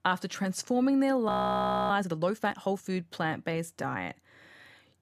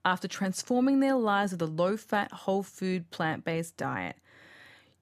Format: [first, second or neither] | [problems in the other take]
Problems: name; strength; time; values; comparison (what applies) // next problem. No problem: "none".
second | audio freezing; at 1.5 s for 0.5 s